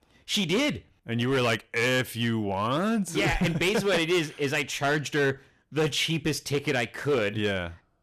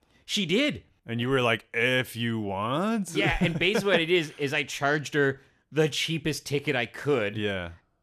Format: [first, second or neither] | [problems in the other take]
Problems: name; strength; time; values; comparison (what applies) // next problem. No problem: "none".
second | distortion; slight; 9% of the sound clipped